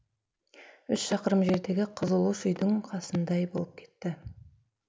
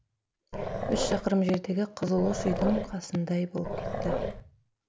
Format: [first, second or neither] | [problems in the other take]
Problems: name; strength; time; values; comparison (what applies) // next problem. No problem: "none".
first | background sound (Growling); 3 dB below the speech